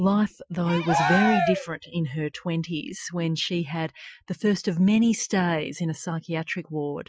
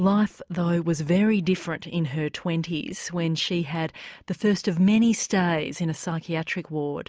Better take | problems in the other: second | noise reduction (classical method Wiener filter)

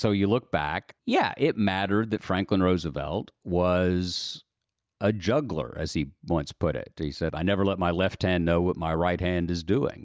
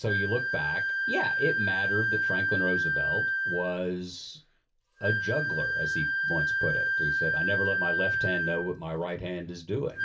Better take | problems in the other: first | background sound (Wind instrument, woodwind instrument); 3 dB above the speech // room echo; dies away in 0.2 s

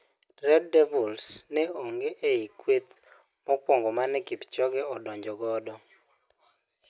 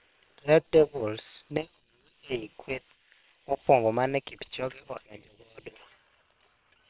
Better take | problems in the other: first | noise reduction (neural separator model SepFormer WHAM!)

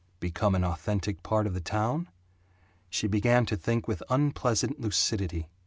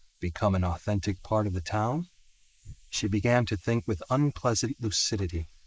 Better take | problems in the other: first | noise reduction (neural mask model Resemble Enhance denoiser)

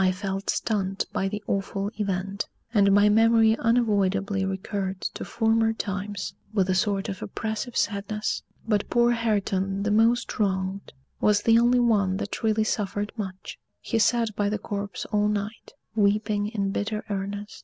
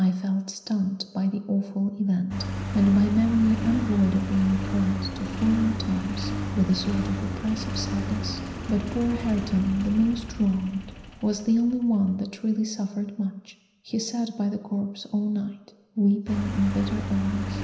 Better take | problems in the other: first | background sound (Engine); 8 dB below the speech // room echo; dies away in 0.9 s

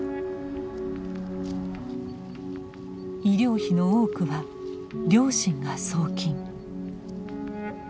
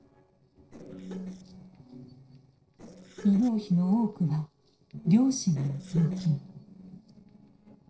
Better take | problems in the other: first | noise reduction (neural separator model SepFormer DNS4)

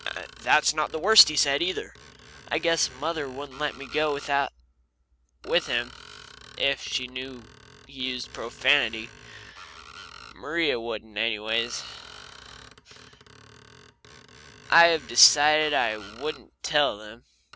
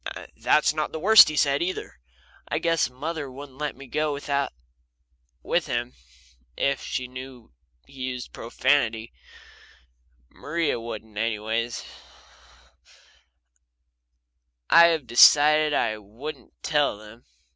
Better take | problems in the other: second | background sound (Screech); 20 dB below the speech

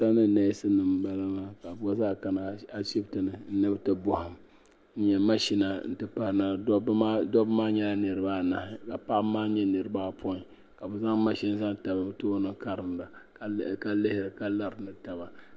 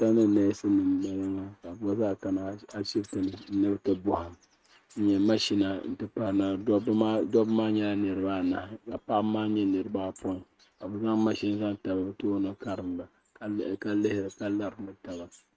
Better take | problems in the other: first | noise reduction (neural mask model RNNoise)

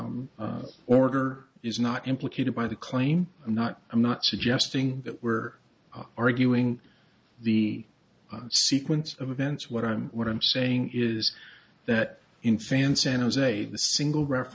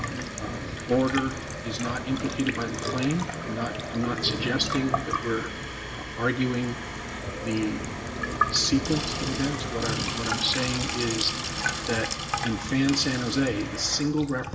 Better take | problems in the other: first | background sound (Sink (filling or washing) / Water tap, faucet); 3 dB below the speech // room echo; dies away in 1.8 s

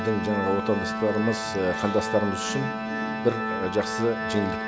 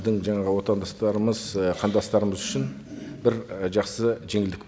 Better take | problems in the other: second | background sound (Organ); 3 dB below the speech

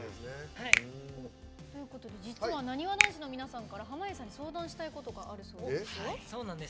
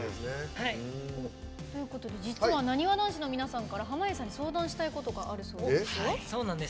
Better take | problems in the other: second | background sound (Finger snapping); 4 dB above the speech

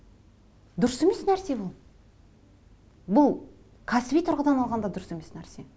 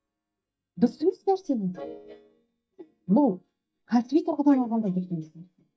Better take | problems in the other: first | noise reduction (neural mask model DeepFilterNet 3)

